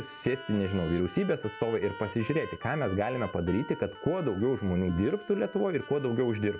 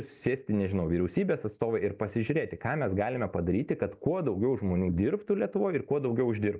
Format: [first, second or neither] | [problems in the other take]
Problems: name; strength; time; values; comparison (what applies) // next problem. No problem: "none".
second | background sound (Bowed string instrument + Trumpet); 16 dB below the speech